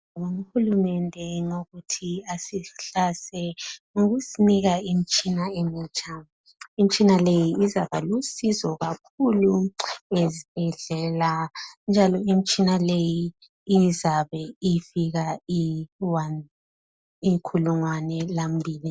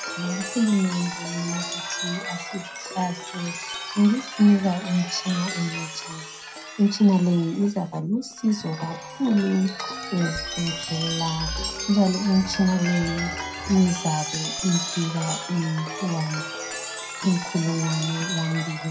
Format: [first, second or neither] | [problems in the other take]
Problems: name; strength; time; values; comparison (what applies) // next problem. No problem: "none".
first | background sound (Chime); 8 dB below the speech // room echo; dies away in 0.2 s